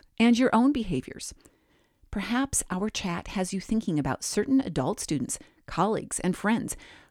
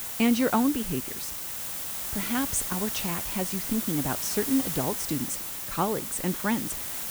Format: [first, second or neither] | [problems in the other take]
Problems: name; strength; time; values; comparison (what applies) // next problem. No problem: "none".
first | hiss; loud; throughout; 1 dB below the speech